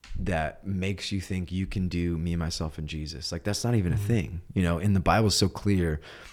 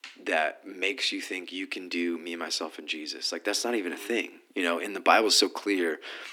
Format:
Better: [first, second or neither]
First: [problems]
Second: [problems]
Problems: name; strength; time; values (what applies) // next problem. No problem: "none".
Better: first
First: none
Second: thin; somewhat; fading below 250 Hz